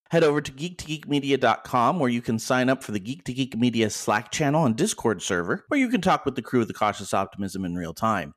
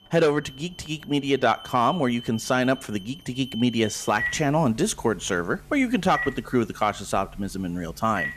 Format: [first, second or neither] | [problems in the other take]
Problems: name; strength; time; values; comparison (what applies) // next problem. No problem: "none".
first | alarms or sirens; noticeable; throughout; 10 dB below the speech